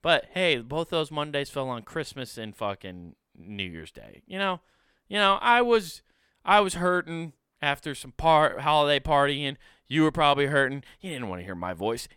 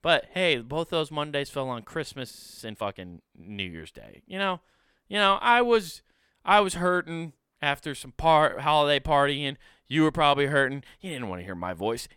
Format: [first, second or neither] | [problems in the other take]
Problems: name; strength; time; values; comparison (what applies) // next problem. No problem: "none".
first | audio freezing; at 2.5 s